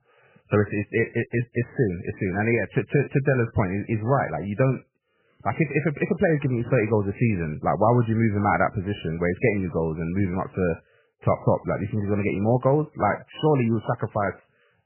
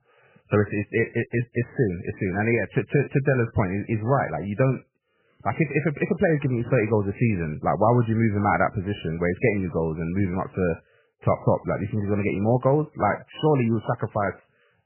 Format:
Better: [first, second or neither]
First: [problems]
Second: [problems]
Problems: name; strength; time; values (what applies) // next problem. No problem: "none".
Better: neither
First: garbled, watery; badly; nothing above 3 kHz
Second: garbled, watery; badly; nothing above 3 kHz